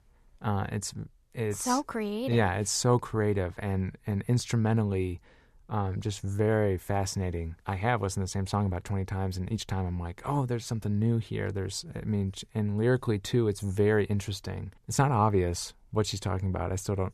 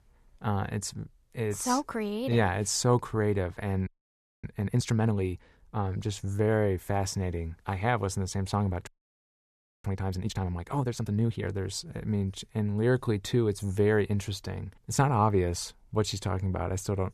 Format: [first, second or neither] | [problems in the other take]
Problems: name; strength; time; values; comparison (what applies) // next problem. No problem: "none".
first | audio freezing; at 4 s for 0.5 s and at 9 s for 1 s